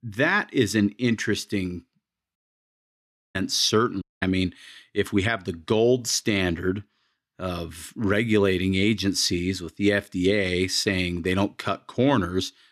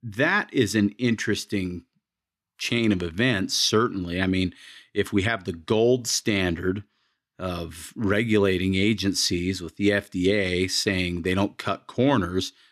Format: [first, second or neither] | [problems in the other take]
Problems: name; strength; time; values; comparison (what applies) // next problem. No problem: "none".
second | audio cutting out; at 2.5 s for 1 s and at 4 s